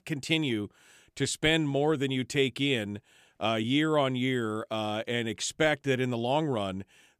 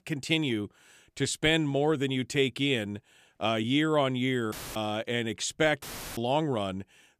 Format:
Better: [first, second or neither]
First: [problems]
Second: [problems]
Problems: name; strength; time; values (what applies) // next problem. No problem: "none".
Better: first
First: none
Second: audio cutting out; filled with static; at 4.5 s and at 6 s